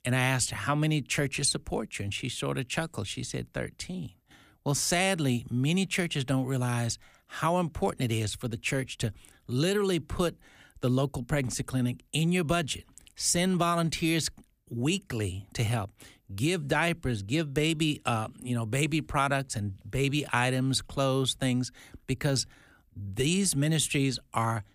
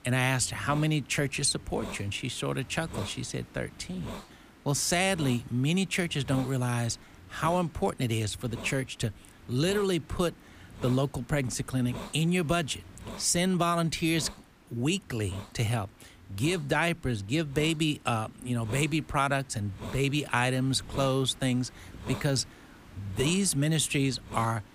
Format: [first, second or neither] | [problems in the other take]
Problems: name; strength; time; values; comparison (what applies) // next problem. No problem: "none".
first | hiss; noticeable; throughout; 15 dB below the speech